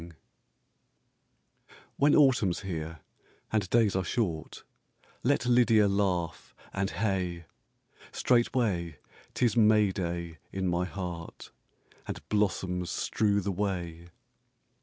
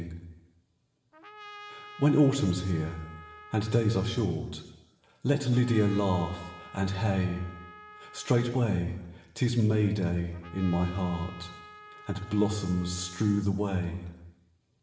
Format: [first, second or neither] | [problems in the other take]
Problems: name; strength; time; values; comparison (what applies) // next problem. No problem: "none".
first | background sound (Trumpet); 19 dB below the speech // room echo; dies away in 1.1 s